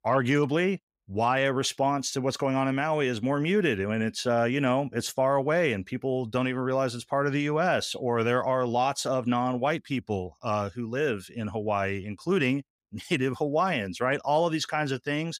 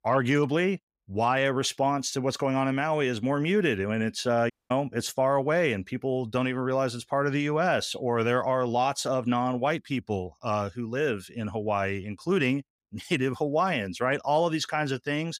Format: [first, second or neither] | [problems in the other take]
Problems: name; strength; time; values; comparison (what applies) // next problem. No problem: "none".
first | audio cutting out; at 4.5 s